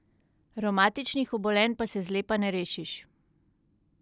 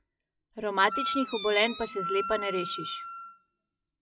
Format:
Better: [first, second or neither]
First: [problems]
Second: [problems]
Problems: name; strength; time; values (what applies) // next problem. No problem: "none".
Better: first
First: none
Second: noise reduction (classical method WPE with log-MMSE)